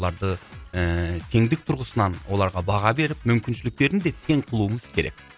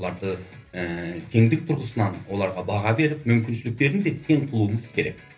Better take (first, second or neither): first